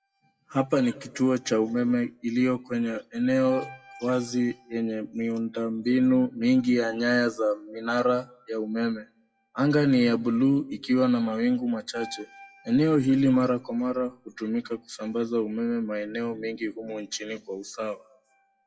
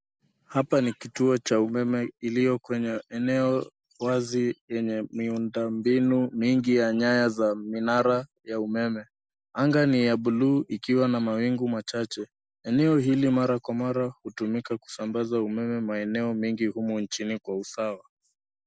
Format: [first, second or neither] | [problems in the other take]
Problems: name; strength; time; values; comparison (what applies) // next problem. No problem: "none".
second | noise reduction (classical method WPE with log-MMSE)